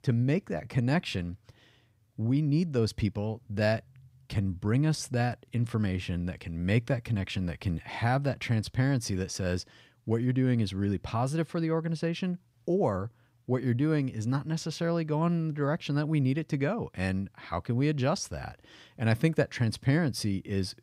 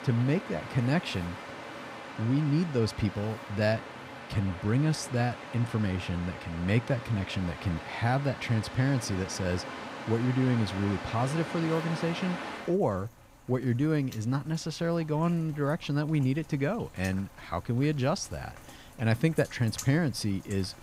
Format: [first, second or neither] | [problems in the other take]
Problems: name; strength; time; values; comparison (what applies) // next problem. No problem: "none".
first | rain or running water; noticeable; throughout; 10 dB below the speech